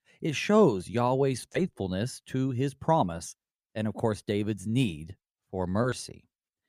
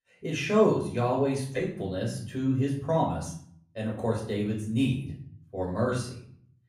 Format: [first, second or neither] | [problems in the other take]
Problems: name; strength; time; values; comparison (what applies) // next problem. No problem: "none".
first | off-mic speech; far // room echo; slight; dies away in 0.6 s